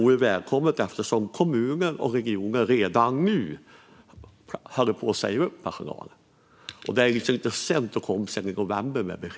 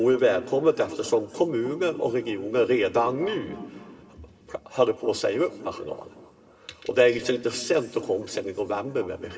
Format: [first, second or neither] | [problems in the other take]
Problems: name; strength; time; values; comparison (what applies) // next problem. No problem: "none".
first | room echo; dies away in 2.6 s